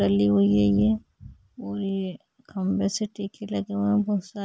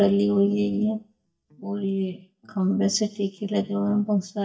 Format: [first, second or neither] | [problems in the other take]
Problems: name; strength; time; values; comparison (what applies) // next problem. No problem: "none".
first | noise reduction (neural mask model DeepFilterNet 3)